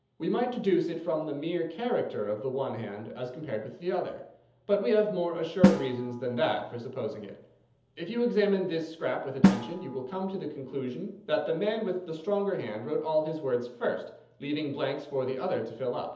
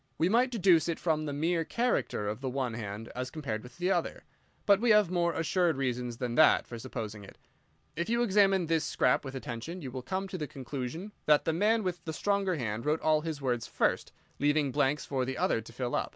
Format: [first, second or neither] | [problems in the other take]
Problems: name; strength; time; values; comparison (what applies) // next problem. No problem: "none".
second | background sound (Drum); 1 dB below the speech // room echo; dies away in 0.7 s